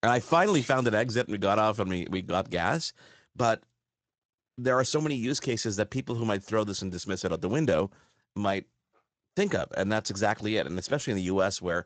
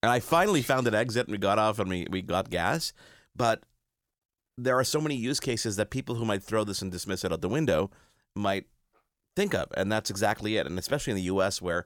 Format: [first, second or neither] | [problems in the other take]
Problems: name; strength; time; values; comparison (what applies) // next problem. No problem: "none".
second | garbled, watery; slightly; nothing above 7.5 kHz